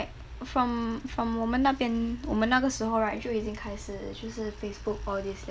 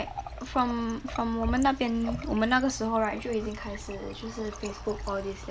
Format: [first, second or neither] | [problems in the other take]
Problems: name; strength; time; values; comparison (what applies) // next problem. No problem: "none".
first | background sound (Water tap, faucet); 13 dB below the speech